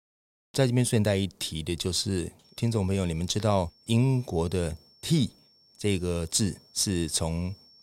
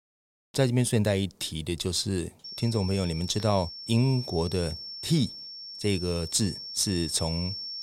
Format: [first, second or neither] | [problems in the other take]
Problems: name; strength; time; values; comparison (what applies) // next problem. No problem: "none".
first | high-pitched whine; loud; from 2.5 s on; 5.5 kHz, 9 dB below the speech; faint in the first